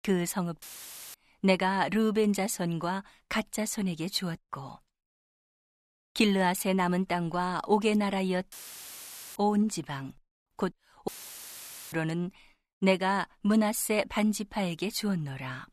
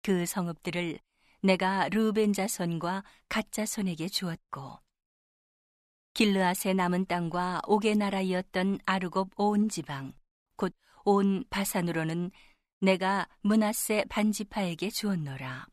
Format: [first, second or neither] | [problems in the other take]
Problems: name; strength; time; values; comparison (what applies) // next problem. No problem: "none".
second | audio cutting out; filled with static; at 0.5 s for 0.5 s, at 8.5 s for 1 s and at 11 s for 1 s